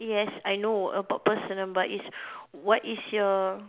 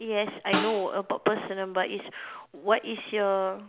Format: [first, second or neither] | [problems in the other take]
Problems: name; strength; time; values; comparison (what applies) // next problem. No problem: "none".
first | background sound (Snare drum); 8 dB below the speech